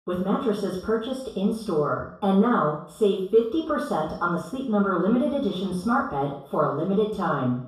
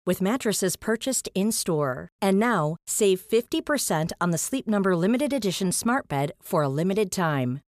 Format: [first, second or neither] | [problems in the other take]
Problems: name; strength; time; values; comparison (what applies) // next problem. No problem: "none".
second | room echo; noticeable; dies away in 0.6 s // off-mic speech; far